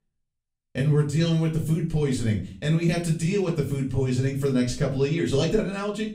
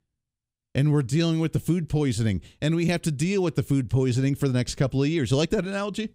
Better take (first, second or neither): second